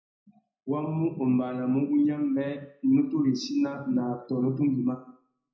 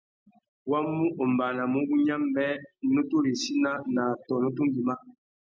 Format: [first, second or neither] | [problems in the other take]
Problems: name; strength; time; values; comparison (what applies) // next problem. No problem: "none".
second | room echo; dies away in 0.4 s